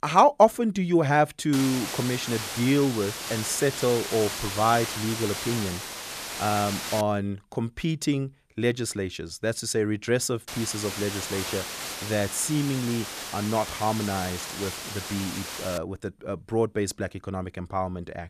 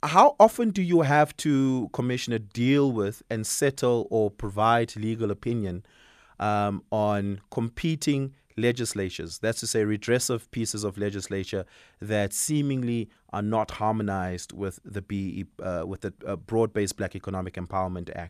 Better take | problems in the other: second | hiss; loud; from 1.5 to 7 s and from 10 to 16 s; 6 dB below the speech

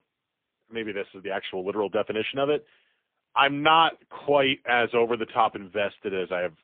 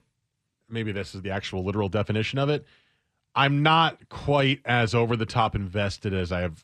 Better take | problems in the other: second | phone-call audio; poor line; nothing above 3.5 kHz

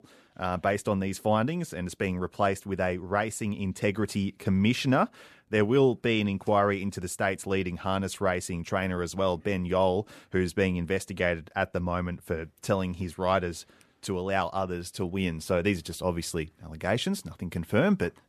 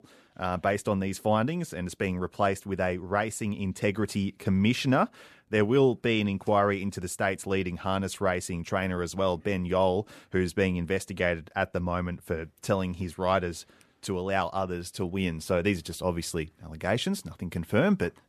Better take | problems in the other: neither | none

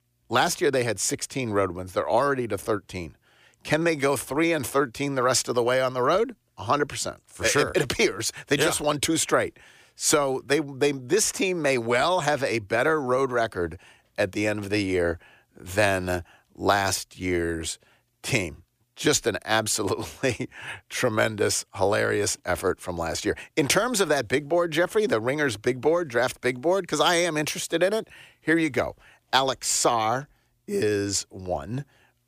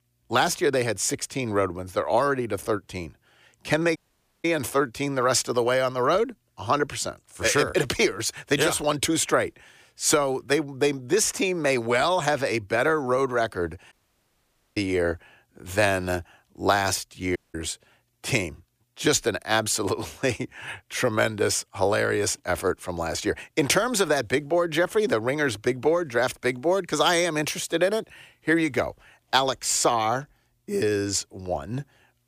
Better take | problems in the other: first | audio cutting out; at 4 s, at 14 s for 1 s and at 17 s

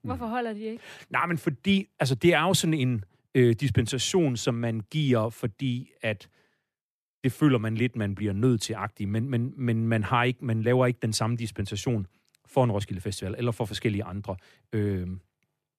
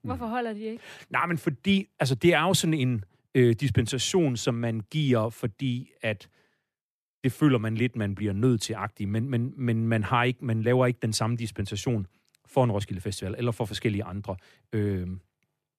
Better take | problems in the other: neither | none

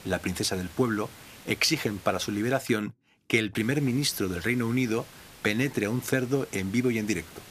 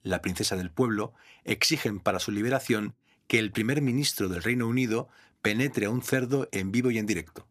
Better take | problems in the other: second | hiss; noticeable; until 2.5 s and from 3.5 s on; 20 dB below the speech

